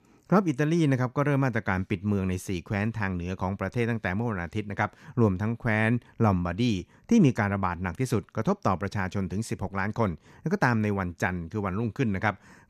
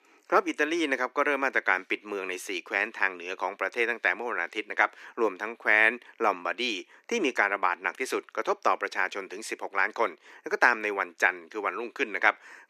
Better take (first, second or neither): first